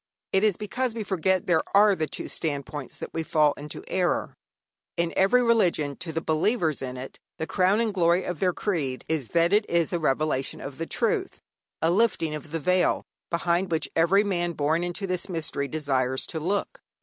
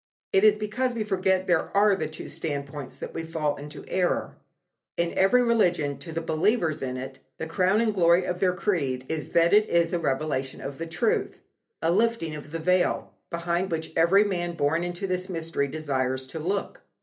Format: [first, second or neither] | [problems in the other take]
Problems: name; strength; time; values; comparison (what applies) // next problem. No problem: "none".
first | room echo; dies away in 0.3 s